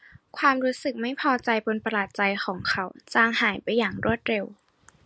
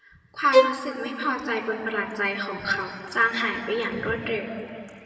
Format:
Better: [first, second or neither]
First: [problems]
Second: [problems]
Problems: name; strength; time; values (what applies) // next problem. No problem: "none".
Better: first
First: none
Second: background sound (Bowed string instrument); 4 dB above the speech // room echo; dies away in 2.5 s